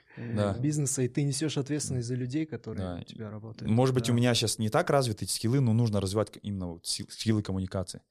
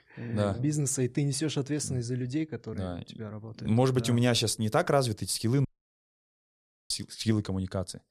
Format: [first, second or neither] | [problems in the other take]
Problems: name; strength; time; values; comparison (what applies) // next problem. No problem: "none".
first | audio cutting out; at 5.5 s for 1.5 s